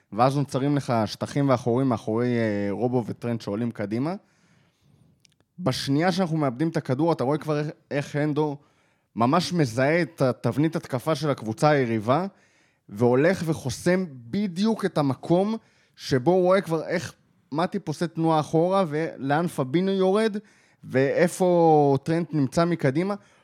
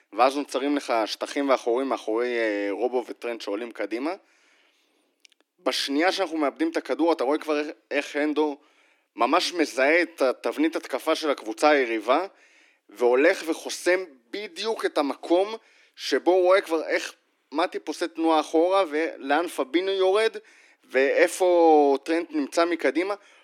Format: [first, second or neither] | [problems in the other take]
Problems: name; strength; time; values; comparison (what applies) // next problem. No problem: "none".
first | thin; somewhat; fading below 300 Hz